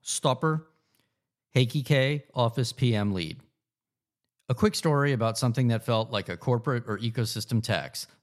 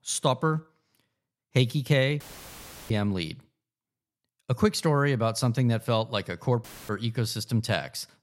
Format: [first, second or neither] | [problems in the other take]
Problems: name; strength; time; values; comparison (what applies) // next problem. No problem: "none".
first | audio cutting out; filled with static; at 2 s for 0.5 s and at 6.5 s